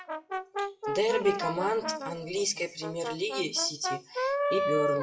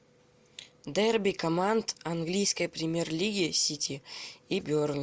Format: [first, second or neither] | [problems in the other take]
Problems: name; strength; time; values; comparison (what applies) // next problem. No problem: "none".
second | noise reduction (classical method WPE with log-MMSE)